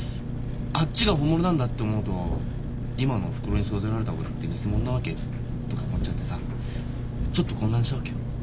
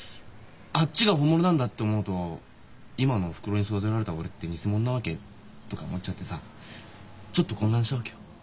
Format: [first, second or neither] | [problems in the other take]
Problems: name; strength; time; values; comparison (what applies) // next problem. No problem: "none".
second | background sound (Engine); 1 dB below the speech